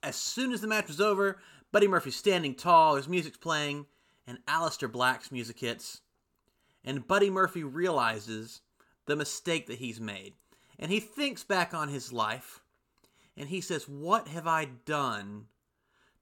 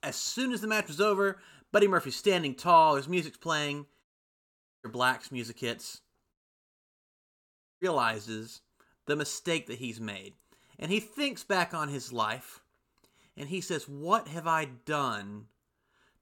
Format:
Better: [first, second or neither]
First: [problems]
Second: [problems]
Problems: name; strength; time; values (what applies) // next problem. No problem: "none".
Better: first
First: none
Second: audio cutting out; at 4 s for 1 s and at 6.5 s for 1.5 s